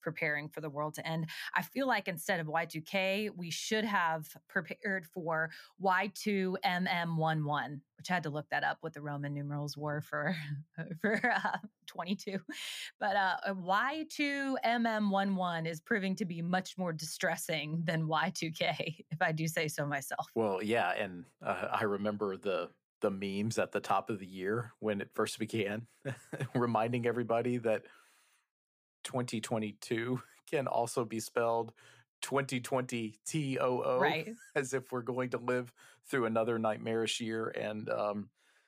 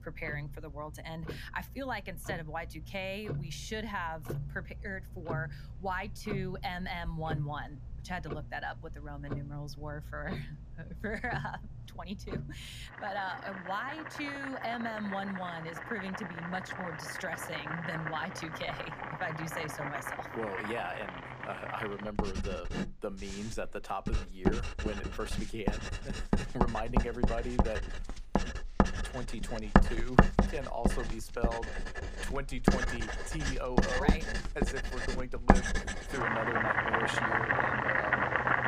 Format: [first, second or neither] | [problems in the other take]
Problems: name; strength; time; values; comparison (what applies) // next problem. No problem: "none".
first | household noises; very loud; throughout; 5 dB above the speech